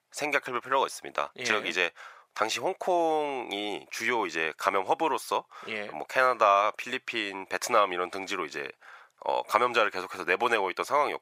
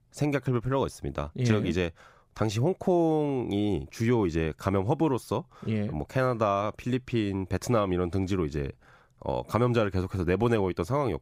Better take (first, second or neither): second